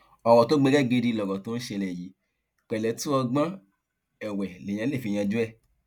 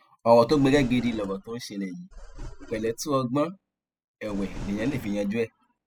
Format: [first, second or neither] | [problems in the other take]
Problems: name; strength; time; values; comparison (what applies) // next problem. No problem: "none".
first | noise reduction (classical method spectral subtraction)